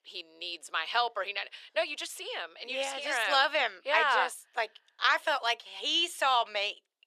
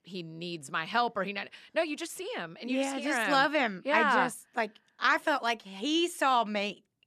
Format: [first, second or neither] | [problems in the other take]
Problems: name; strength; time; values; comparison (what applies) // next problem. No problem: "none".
second | thin; very; fading below 450 Hz